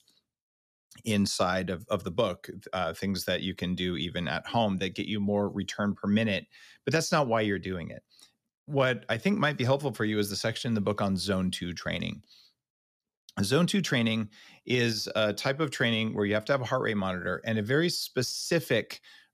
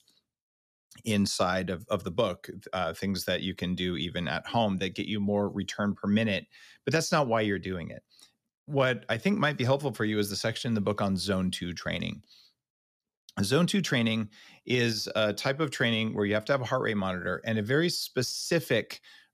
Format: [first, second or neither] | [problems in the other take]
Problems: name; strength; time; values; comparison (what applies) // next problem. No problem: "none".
neither | none